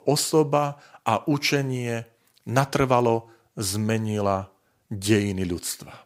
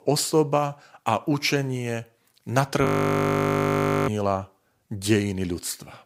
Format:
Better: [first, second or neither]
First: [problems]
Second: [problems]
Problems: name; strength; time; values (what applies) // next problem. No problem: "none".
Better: first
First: none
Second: audio freezing; at 3 s for 1 s